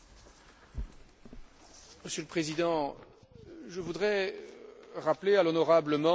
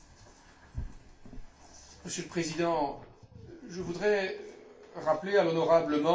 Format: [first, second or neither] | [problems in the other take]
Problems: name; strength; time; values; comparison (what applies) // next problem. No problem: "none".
first | room echo; dies away in 0.3 s